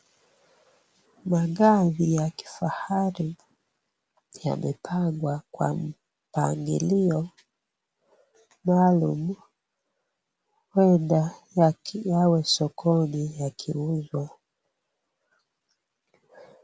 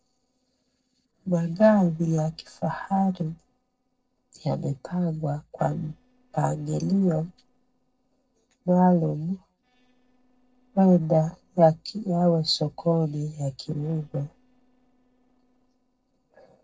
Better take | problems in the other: first | noise reduction (neural separator model SepFormer DNS4)

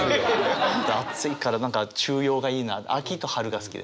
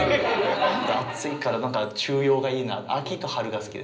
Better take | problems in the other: first | room echo; dies away in 0.5 s

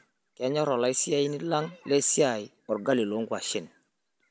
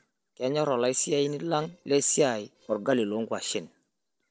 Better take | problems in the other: first | noise reduction (neural separator model SepFormer DNS4)

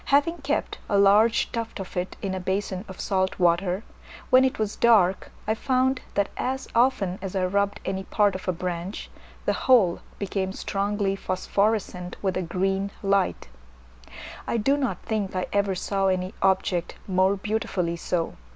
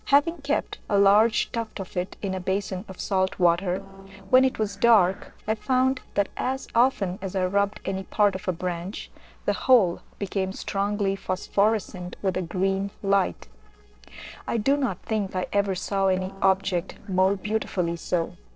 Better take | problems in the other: first | noise reduction (neural separator model SepFormer DNS4)

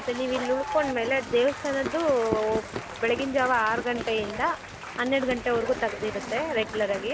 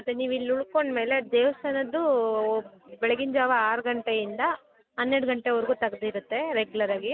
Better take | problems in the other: second | background sound (Applause / Crowd / Cheering + Chewing, mastication); 9 dB below the speech

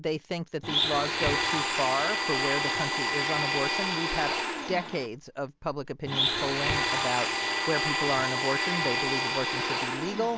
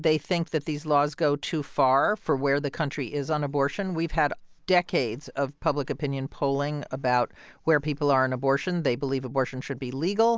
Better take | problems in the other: second | background sound (Domestic sounds, home sounds); 3 dB above the speech

